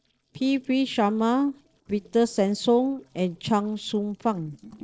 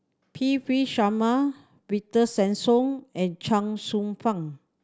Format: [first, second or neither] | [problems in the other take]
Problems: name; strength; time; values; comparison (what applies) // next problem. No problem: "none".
second | noise reduction (neural separator model SepFormer DNS4)